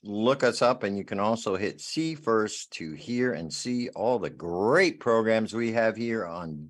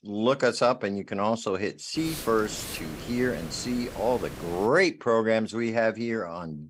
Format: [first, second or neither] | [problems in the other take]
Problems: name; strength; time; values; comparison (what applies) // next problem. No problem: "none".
first | hiss; noticeable; from 2 to 4.5 s; 10 dB below the speech